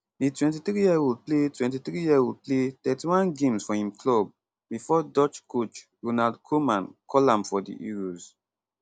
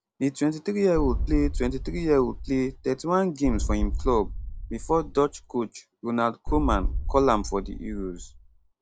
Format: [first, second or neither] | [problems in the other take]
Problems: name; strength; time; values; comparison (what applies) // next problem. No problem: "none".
first | background sound (Boom); 4 dB below the speech